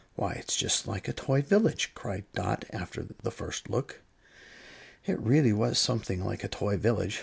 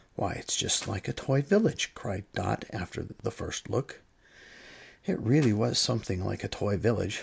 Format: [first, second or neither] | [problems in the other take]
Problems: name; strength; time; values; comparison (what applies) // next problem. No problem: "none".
first | background sound (Clapping); 17 dB below the speech